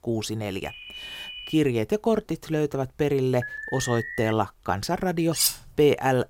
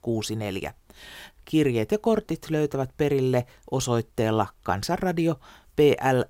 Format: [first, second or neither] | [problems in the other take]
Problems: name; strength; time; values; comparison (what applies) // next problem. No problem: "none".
second | phone ringing; noticeable; at 0.5 s; peak 10 dB below the speech // alarm; noticeable; at 3.5 s; peak 8 dB below the speech // clattering dishes; loud; at 5.5 s; peak 3 dB above the speech